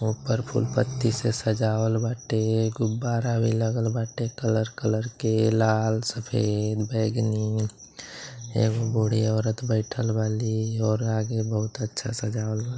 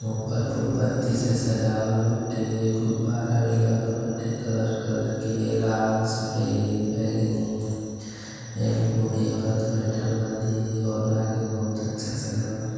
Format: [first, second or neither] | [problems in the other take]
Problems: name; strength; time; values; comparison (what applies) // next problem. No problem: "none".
first | room echo; dies away in 2.1 s